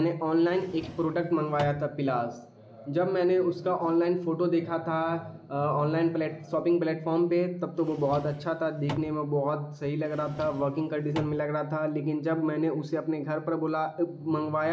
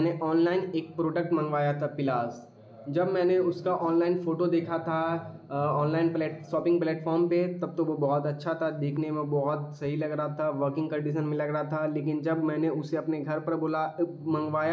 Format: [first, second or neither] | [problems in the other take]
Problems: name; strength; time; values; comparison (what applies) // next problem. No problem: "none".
second | background sound (Drawer open or close); 15 dB below the speech